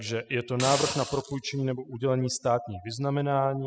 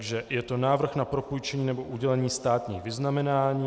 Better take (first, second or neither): second